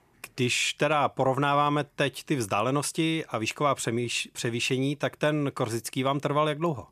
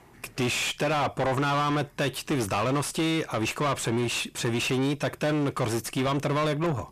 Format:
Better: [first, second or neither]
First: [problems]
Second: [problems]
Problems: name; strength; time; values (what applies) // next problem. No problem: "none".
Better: first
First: none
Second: distortion; heavy; 7 dB below the speech